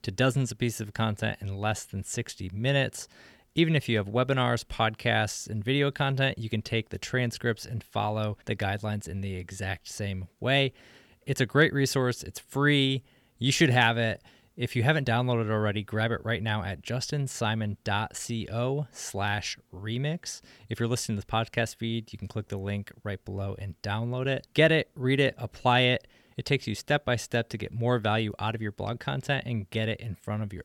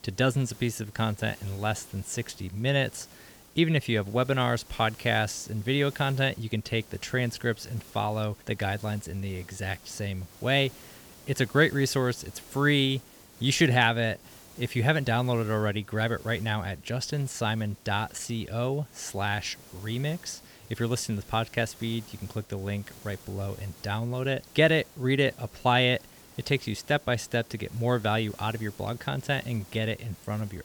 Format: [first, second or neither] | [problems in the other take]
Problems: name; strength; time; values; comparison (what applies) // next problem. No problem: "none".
first | hiss; faint; throughout; 20 dB below the speech